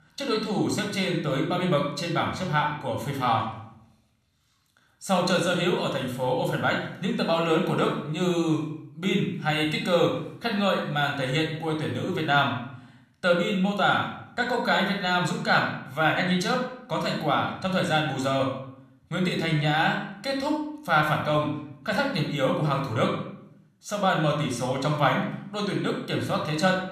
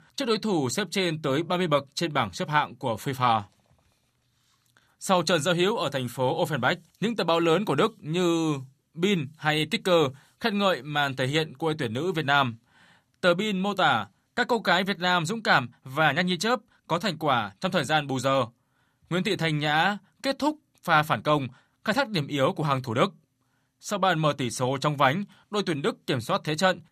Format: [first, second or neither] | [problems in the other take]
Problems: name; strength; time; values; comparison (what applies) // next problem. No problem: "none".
second | off-mic speech; somewhat distant // room echo; noticeable; dies away in 0.6 s